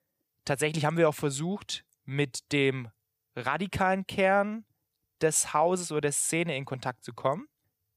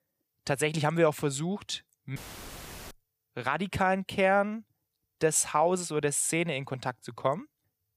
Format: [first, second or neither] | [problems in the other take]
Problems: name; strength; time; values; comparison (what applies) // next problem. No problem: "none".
first | audio cutting out; filled with static; at 2 s for 1 s